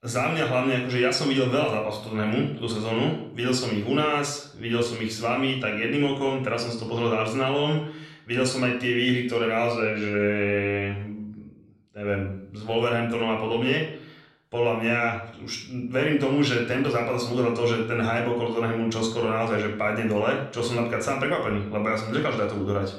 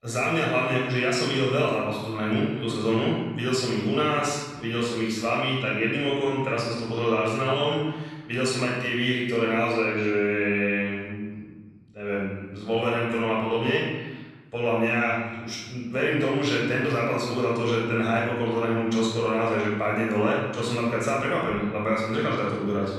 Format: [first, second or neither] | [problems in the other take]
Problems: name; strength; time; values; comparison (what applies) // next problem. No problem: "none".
first | room echo; strong; dies away in 1.2 s; slight in the first // off-mic speech; far; somewhat distant in the first